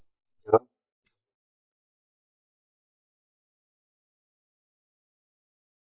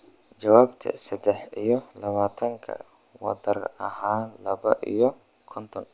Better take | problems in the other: second | noise reduction (neural mask model DeepFilterNet 3)

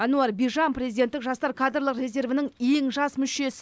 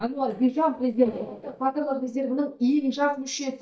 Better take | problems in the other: first | noise reduction (neural mask model DeepFilterNet 3)

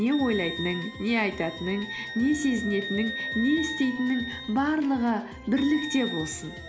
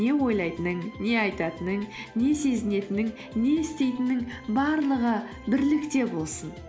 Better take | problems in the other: second | background sound (Wind instrument, woodwind instrument); 10 dB below the speech

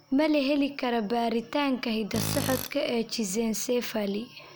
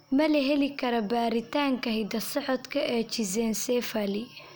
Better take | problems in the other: second | background sound (Tools); 7 dB below the speech

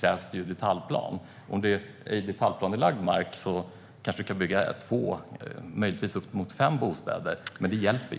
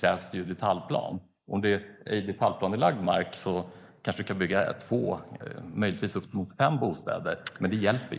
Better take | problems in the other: first | noise reduction (neural mask model Resemble Enhance denoiser)

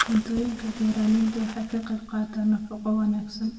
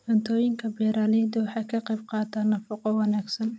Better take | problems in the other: second | background sound (Fire); 12 dB below the speech // room echo; dies away in 1.1 s

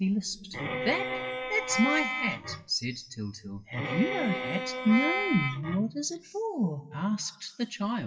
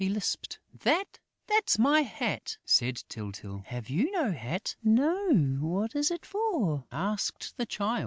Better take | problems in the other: second | noise reduction (classical method WPE with log-MMSE)

